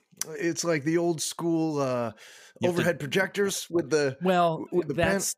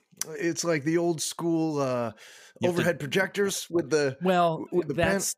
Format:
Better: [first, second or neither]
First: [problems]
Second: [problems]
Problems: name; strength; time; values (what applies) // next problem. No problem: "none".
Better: neither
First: none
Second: none